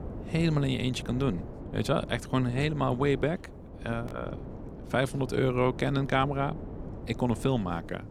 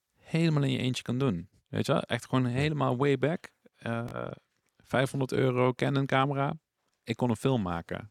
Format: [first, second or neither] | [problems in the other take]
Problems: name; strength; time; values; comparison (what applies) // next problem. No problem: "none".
second | wind noise on the microphone; occasional gusts; 15 dB below the speech